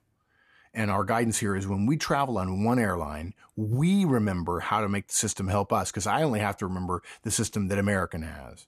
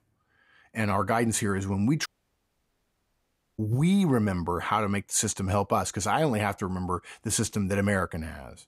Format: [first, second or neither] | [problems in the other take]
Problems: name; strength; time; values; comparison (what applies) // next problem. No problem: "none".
first | audio cutting out; at 2 s for 1.5 s